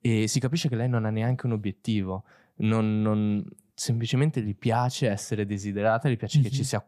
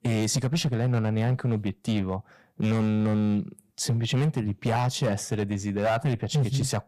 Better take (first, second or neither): first